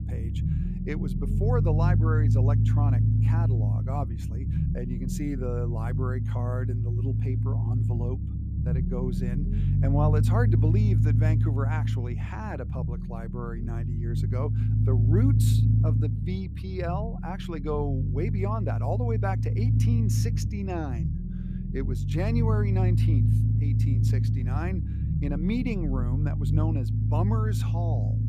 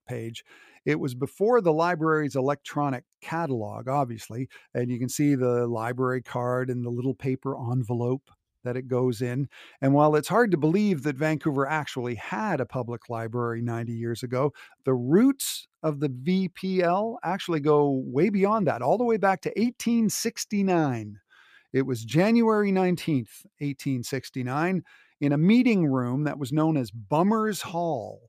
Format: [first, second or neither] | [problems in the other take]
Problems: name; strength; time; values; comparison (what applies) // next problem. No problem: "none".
second | low rumble; loud; throughout; 3 dB below the speech